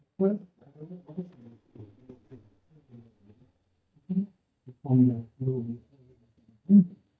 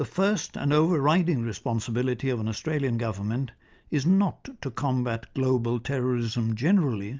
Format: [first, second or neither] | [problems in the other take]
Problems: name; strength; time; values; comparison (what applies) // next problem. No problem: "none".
second | noise reduction (neural mask model DeepFilterNet 3)